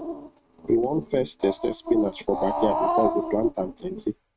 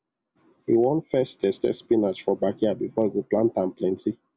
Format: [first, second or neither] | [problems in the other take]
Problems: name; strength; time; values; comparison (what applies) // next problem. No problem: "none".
second | noise reduction (neural mask model RNNoise)